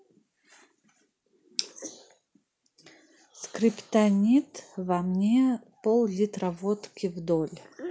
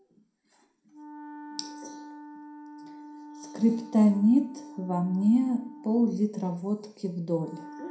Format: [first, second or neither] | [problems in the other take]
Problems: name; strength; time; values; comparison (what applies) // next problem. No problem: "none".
first | background sound (Wind instrument, woodwind instrument); 17 dB below the speech // room echo; dies away in 0.5 s